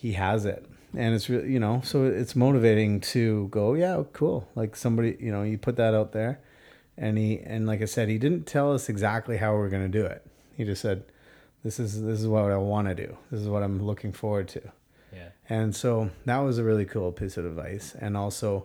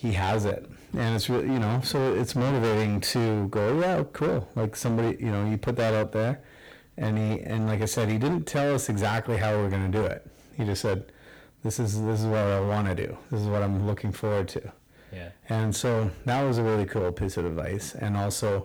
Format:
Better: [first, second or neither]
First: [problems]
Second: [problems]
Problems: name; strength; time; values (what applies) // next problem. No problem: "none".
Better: first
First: none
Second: distortion; heavy; 24% of the sound clipped